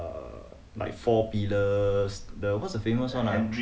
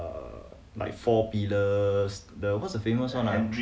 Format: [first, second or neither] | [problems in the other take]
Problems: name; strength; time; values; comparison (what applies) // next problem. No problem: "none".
second | background sound (Wind); 15 dB below the speech